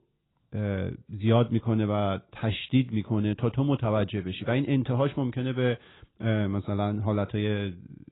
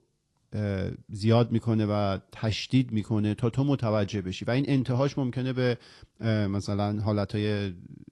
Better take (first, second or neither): second